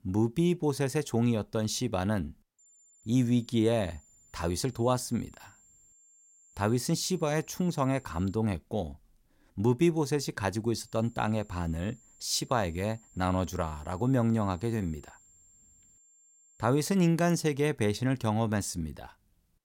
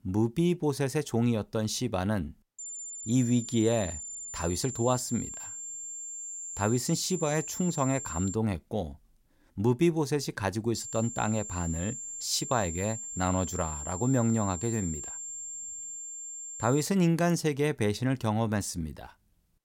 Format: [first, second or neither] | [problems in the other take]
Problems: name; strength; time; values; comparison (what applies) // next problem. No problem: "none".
first | high-pitched whine; loud; from 2.5 to 8.5 s and from 11 to 17 s; 7.5 kHz, 8 dB below the speech; faint in the first